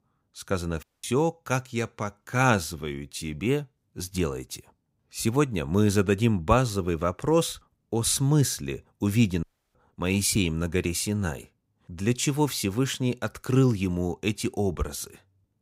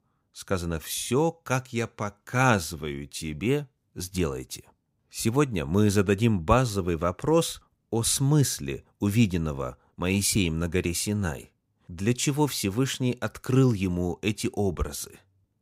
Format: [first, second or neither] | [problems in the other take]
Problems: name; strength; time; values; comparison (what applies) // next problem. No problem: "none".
second | audio cutting out; at 1 s and at 9.5 s